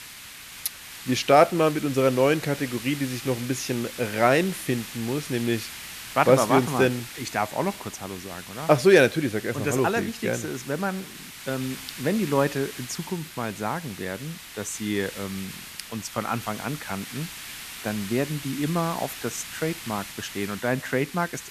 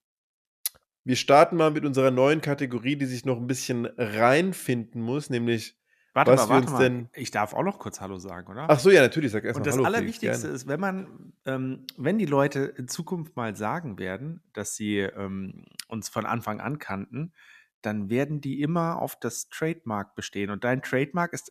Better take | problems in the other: second | hiss; noticeable; throughout; 10 dB below the speech

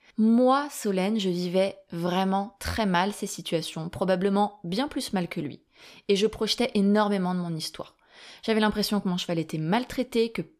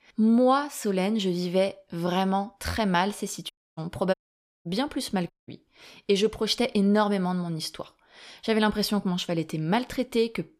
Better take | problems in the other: first | audio cutting out; at 3.5 s, at 4 s for 0.5 s and at 5.5 s

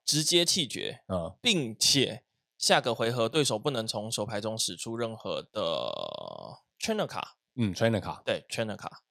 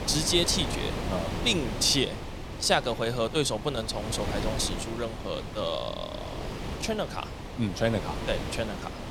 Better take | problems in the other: first | wind noise on the microphone; heavy; 9 dB below the speech

